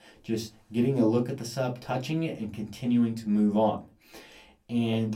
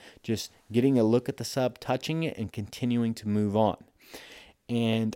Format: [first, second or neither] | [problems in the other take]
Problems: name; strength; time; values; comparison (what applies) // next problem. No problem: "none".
second | off-mic speech; somewhat distant // room echo; very slight; dies away in 0.2 s